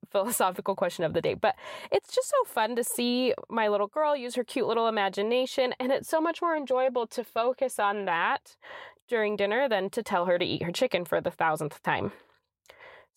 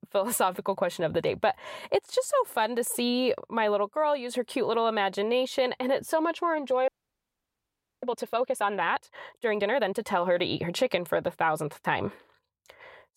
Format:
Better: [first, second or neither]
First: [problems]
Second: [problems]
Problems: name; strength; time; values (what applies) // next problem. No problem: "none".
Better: first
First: none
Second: audio freezing; at 7 s for 1 s